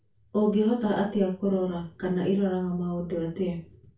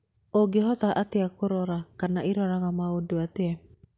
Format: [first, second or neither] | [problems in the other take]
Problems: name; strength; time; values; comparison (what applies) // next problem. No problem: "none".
second | room echo; dies away in 0.2 s